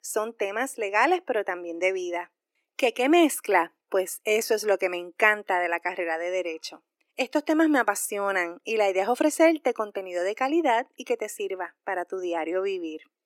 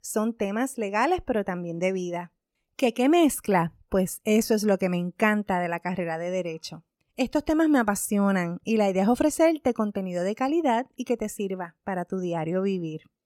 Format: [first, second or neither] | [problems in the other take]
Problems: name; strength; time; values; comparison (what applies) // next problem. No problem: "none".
second | thin; somewhat; fading below 300 Hz